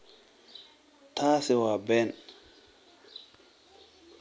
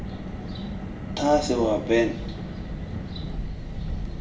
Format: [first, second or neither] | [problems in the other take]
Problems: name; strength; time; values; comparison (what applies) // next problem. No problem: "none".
first | background sound (Car); 4 dB below the speech // room echo; dies away in 0.6 s